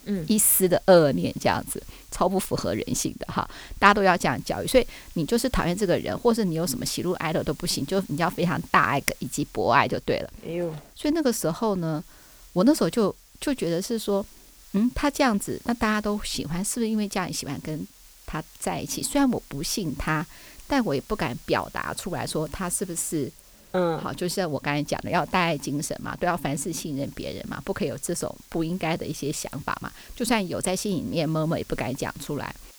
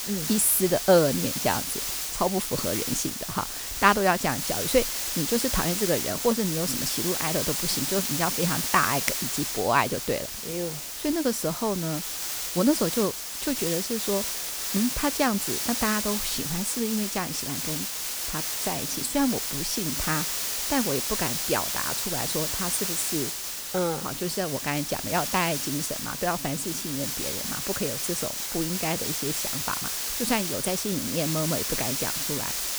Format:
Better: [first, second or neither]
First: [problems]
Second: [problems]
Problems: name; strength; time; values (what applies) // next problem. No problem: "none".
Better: first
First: hiss; faint; throughout; 25 dB below the speech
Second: hiss; loud; throughout; as loud as the speech